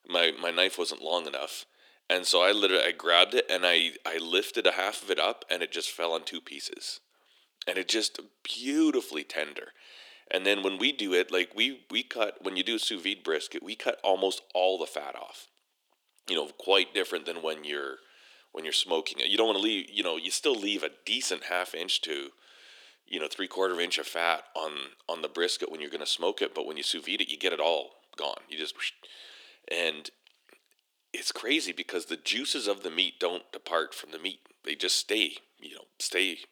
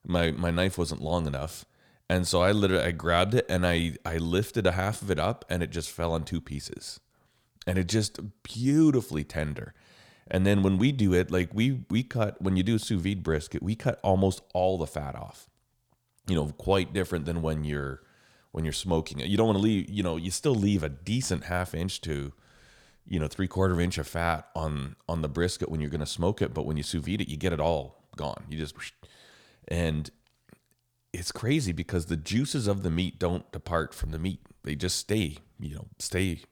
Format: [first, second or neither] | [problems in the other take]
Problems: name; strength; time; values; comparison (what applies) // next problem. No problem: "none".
second | thin; very; fading below 300 Hz